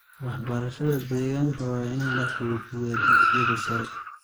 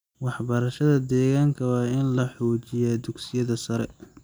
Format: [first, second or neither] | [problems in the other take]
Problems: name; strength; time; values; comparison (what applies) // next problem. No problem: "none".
second | noise reduction (neural mask model Resemble Enhance denoiser)